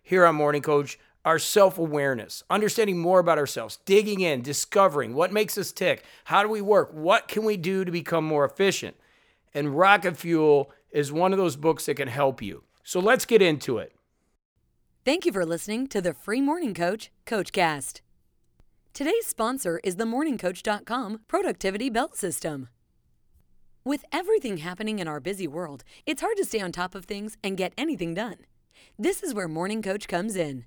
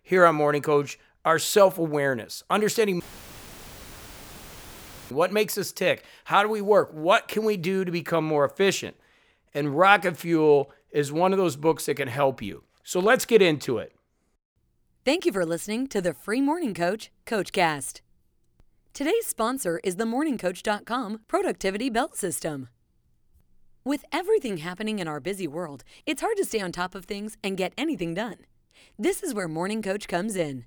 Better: first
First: none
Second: audio cutting out; filled with static; at 3 s for 2 s

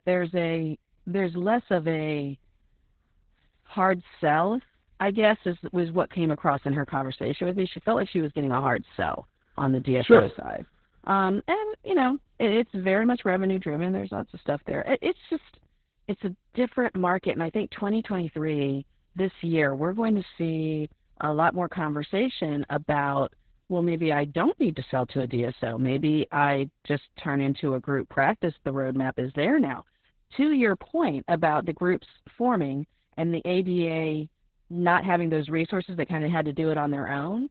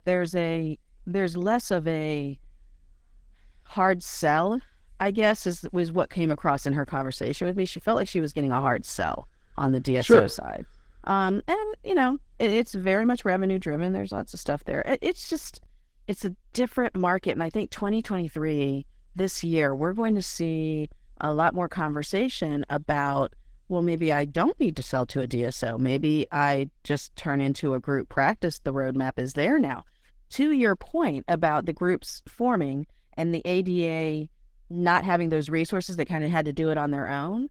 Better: second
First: garbled, watery; badly; nothing above 4 kHz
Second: garbled, watery; slightly; nothing above 15.5 kHz

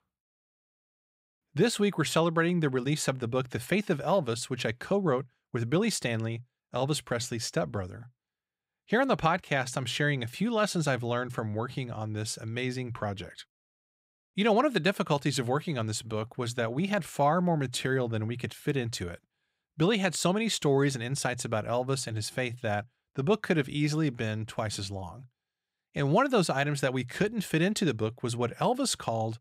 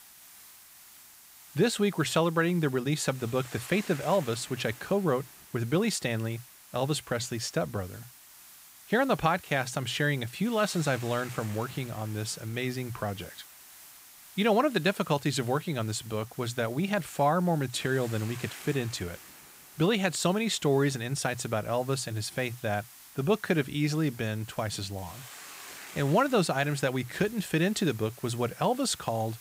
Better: first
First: none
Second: hiss; noticeable; throughout; 20 dB below the speech

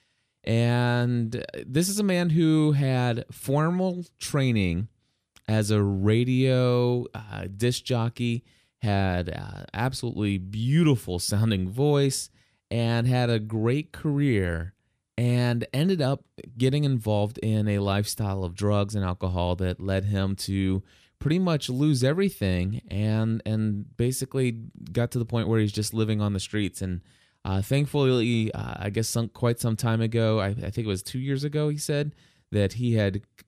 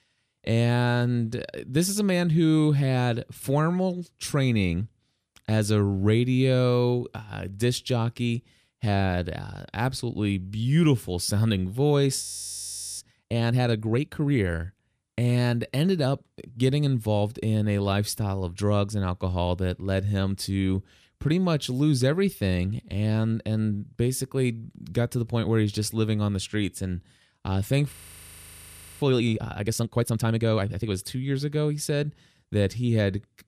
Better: first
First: none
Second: audio freezing; at 12 s for 1 s and at 28 s for 1 s

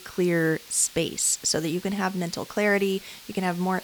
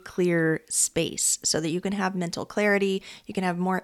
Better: second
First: hiss; noticeable; throughout; 20 dB below the speech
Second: none

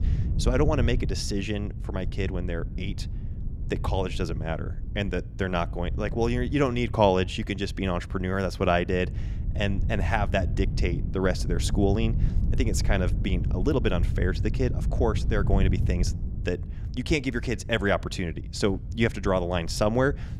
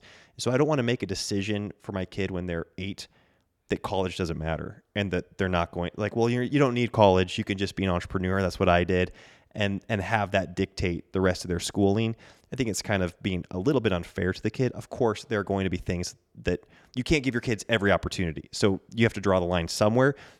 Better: second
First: wind noise on the microphone; occasional gusts; 15 dB below the speech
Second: none

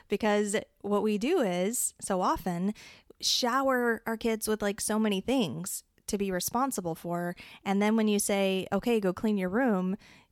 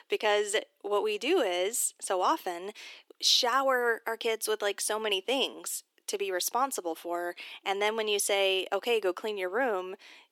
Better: first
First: none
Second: thin; very; fading below 300 Hz

